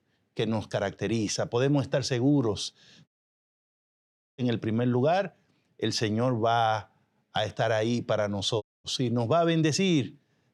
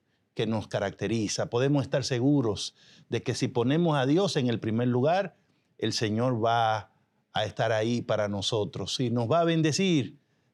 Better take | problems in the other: second | audio cutting out; at 3 s for 1.5 s and at 8.5 s

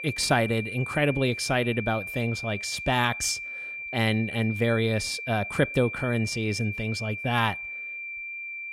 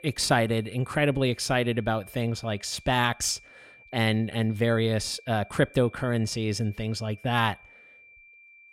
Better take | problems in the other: second | high-pitched whine; loud; throughout; 2.5 kHz, 7 dB below the speech; faint in the second

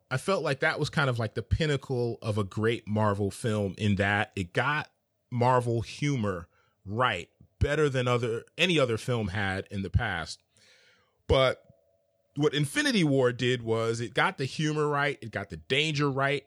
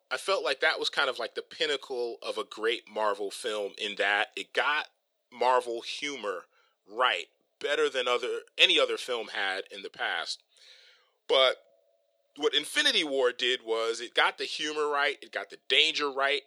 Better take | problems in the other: first | thin; very; fading below 400 Hz

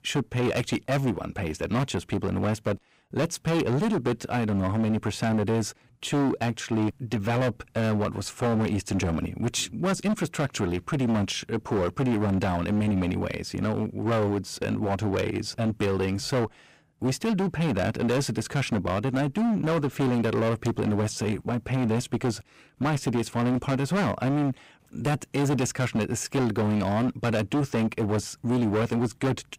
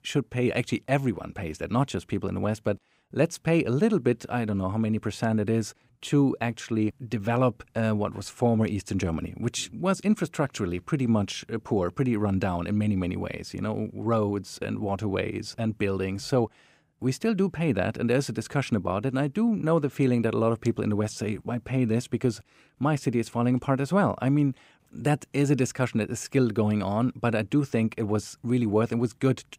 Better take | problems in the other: second | distortion; heavy; 20% of the sound clipped

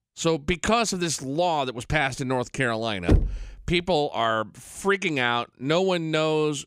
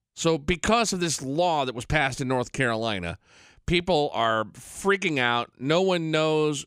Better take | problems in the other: second | door banging; loud; at 3 s; peak 1 dB above the speech

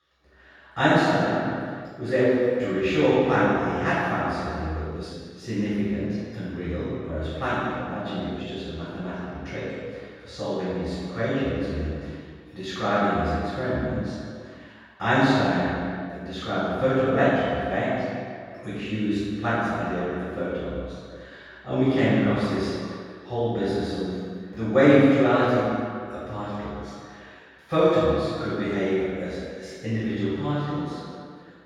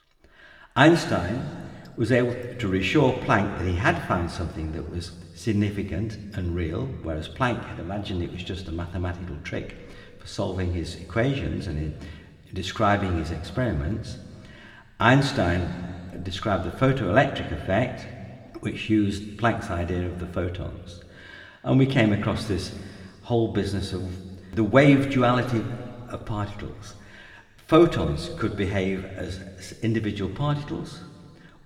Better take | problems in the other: second | room echo; strong; dies away in 2.1 s; slight in the second // off-mic speech; far

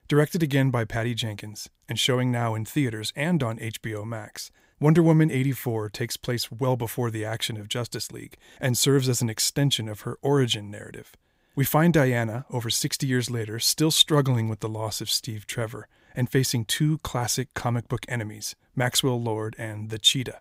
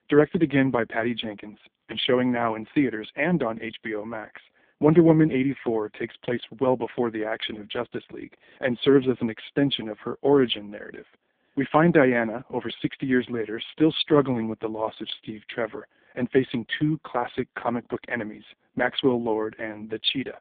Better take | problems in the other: first | phone-call audio; poor line; nothing above 3.5 kHz

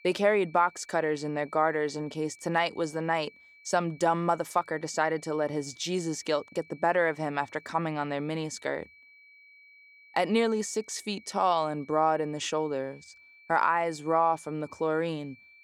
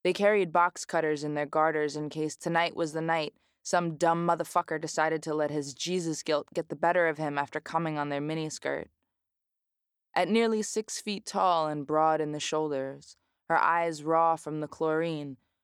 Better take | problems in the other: second | high-pitched whine; faint; throughout; 2.5 kHz, 25 dB below the speech

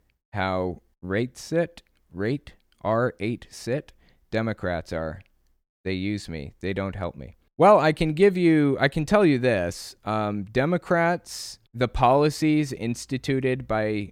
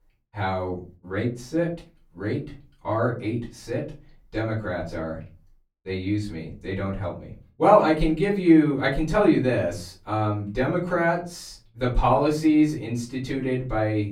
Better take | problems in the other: first | off-mic speech; far // room echo; slight; dies away in 0.3 s

